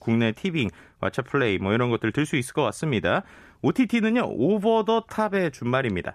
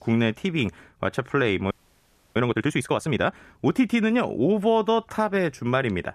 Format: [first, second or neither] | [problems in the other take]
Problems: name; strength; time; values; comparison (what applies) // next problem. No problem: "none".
first | audio freezing; at 1.5 s for 0.5 s